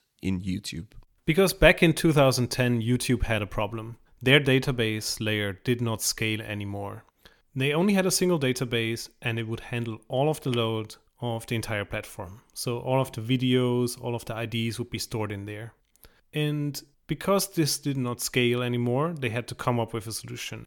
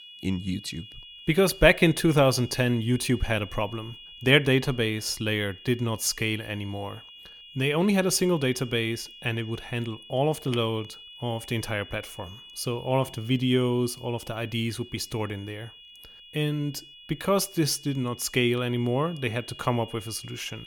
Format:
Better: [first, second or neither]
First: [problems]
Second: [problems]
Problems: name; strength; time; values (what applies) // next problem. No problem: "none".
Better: first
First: none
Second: high-pitched whine; noticeable; throughout; 3 kHz, 20 dB below the speech